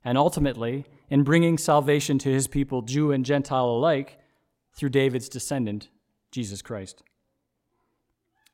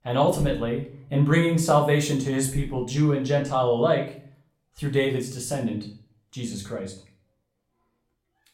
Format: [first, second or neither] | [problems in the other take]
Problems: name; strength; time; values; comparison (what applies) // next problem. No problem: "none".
first | room echo; slight; dies away in 0.4 s // off-mic speech; somewhat distant